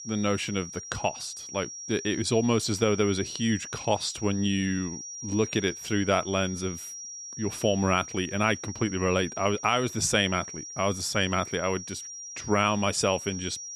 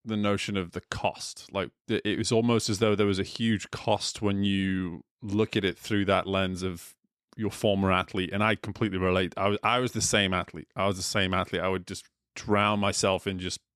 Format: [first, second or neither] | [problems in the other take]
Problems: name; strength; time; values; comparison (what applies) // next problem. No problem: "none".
second | high-pitched whine; noticeable; throughout; 5.5 kHz, 10 dB below the speech